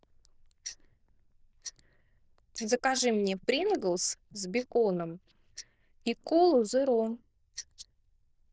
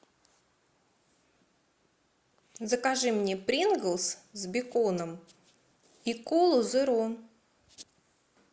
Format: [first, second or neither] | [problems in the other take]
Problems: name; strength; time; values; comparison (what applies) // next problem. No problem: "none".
second | noise reduction (neural diffusion model UNIVERSE++)